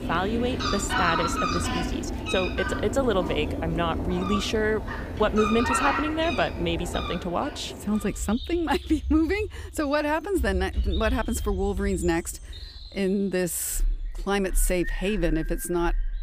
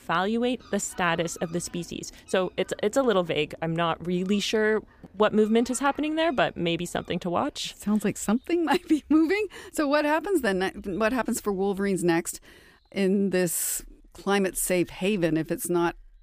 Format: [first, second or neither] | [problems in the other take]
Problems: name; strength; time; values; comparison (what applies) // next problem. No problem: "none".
second | animal sounds; loud; throughout; 4 dB below the speech; faint in the second